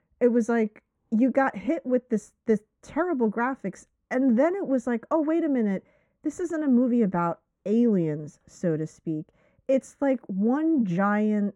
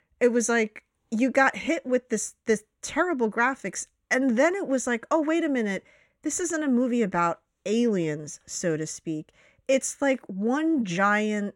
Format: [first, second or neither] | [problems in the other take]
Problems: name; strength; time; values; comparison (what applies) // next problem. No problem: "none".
second | muffled; very; fading above 2 kHz